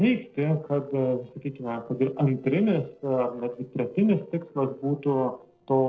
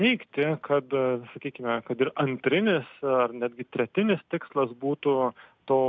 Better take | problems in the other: second | noise reduction (neural separator model SepFormer DNS4)

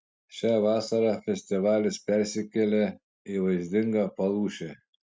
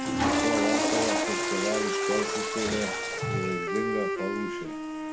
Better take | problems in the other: first | background sound (Toilet flush / Water + Wind instrument, woodwind instrument); 5 dB above the speech

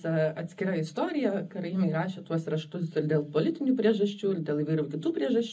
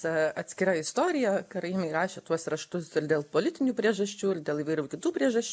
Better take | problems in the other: second | room echo; dies away in 0.4 s

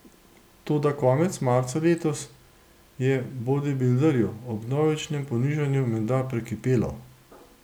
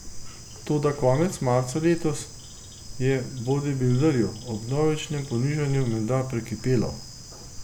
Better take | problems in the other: first | background sound (Bird / Insect); 12 dB below the speech

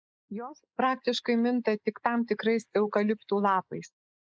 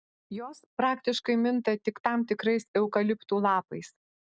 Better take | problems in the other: second | noise reduction (neural mask model Resemble Enhance denoiser)

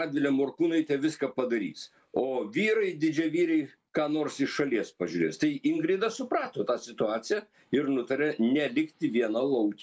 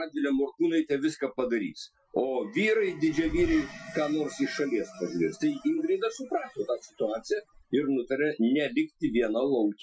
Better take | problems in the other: first | noise reduction (classical method Wiener filter)

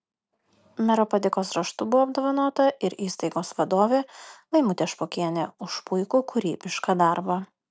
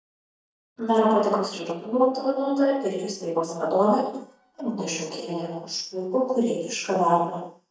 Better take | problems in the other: first | noise reduction (neural mask model DeepFilterNet 3)

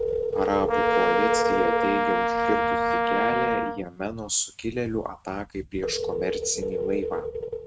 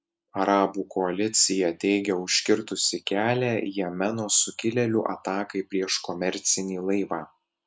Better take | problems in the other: second | noise reduction (neural mask model RNNoise)

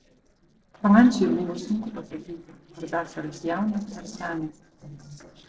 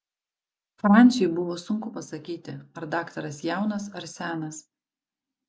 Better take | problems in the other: second | noise reduction (neural separator model SepFormer DNS4)

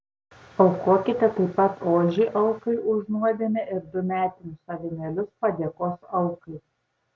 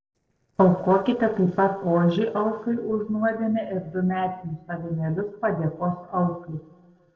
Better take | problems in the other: first | noise reduction (neural separator model SepFormer DNS4)

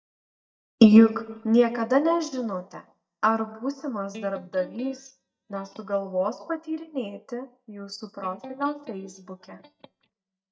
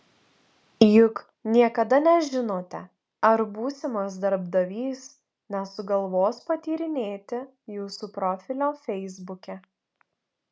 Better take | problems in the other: second | noise reduction (neural mask model DeepFilterNet 3)

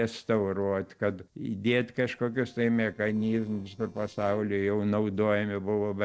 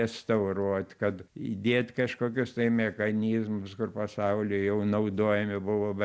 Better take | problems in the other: second | noise reduction (neural separator model SepFormer DNS4)

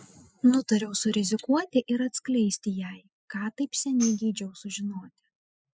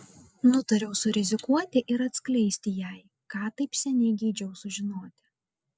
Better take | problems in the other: second | noise reduction (classical method spectral subtraction)

